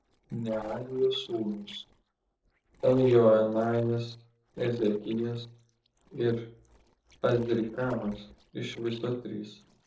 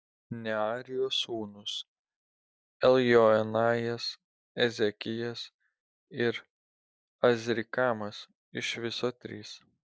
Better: second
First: noise reduction (neural separator model SepFormer DNS4)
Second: none

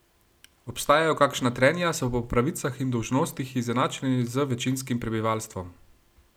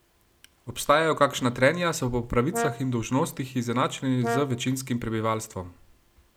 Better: first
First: none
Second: background sound (Brass instrument); 10 dB below the speech

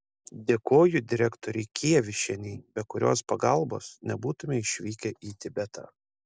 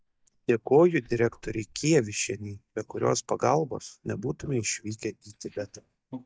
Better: first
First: none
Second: noise reduction (neural mask model DeepFilterNet 3)

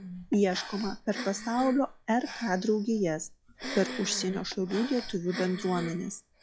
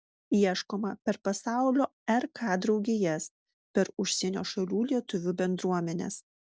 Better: second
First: noise reduction (classical method log-MMSE)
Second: none

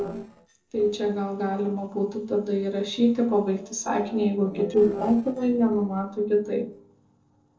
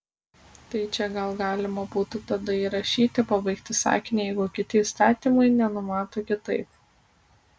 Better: second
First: noise reduction (neural separator model SepFormer DNS4)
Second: none

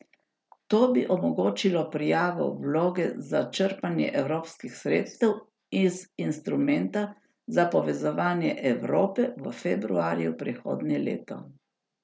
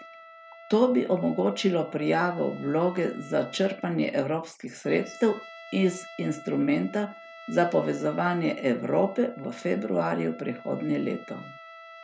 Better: first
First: none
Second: background sound (Trumpet); 19 dB below the speech

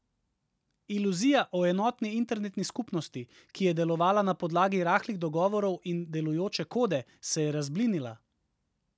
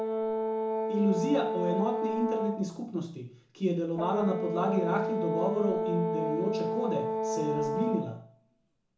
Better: first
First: none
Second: background sound (Brass instrument); as loud as the speech // room echo; dies away in 0.7 s

